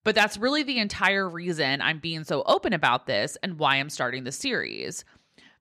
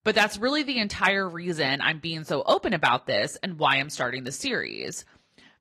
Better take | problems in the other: first | garbled, watery; slightly; nothing above 13 kHz

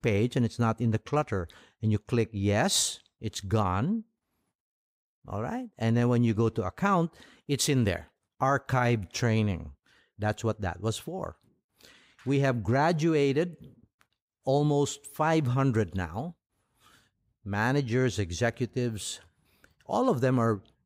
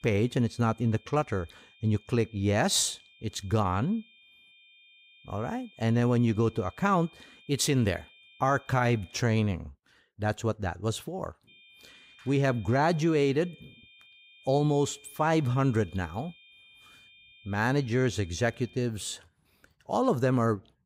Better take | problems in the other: first | high-pitched whine; faint; until 9 s and from 11 to 19 s; 2.5 kHz, 25 dB below the speech

